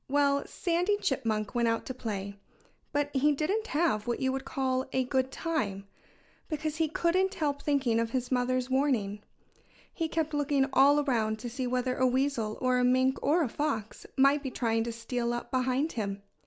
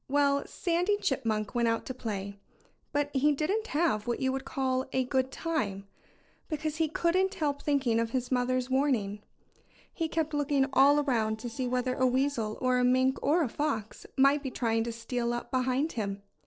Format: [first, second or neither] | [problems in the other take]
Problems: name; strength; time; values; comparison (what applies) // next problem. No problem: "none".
first | noise reduction (neural separator model SepFormer DNS4)